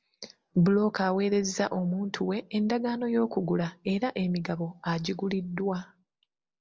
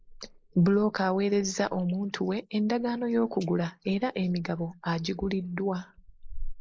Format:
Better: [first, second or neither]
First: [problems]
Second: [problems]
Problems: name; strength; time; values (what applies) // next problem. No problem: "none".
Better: first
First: none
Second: noise reduction (neural mask model Resemble Enhance denoiser)